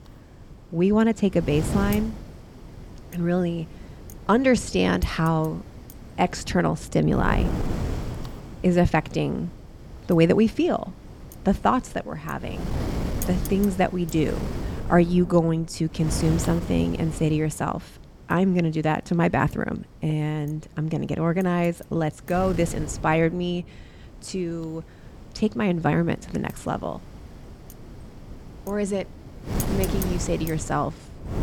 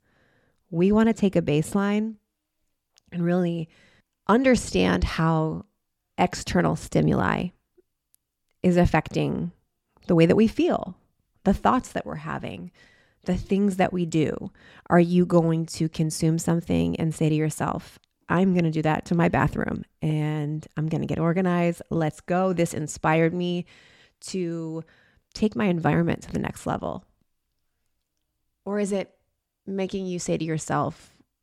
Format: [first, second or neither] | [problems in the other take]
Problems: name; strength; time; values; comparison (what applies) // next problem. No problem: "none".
second | wind noise on the microphone; occasional gusts; 15 dB below the speech